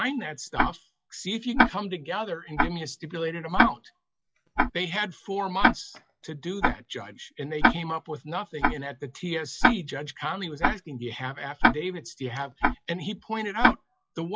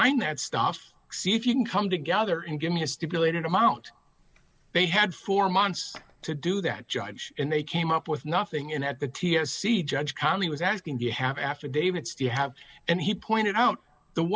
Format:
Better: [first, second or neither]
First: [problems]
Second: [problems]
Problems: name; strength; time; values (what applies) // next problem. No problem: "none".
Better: second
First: noise reduction (classical method log-MMSE)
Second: none